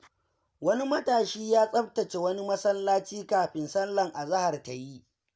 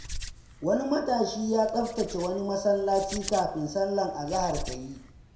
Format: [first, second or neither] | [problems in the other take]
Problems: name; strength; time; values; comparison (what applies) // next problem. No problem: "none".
first | background sound (Hands); 13 dB below the speech // room echo; dies away in 0.6 s